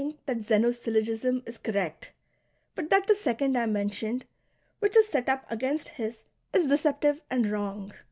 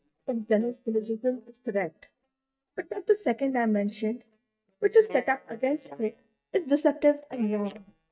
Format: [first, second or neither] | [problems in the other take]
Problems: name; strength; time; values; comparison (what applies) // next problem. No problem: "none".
first | noise reduction (neural mask model DeepFilterNet 3)